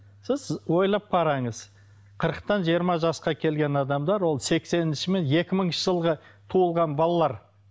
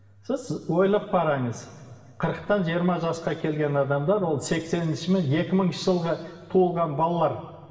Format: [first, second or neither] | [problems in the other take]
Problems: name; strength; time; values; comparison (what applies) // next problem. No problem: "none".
first | room echo; dies away in 1.8 s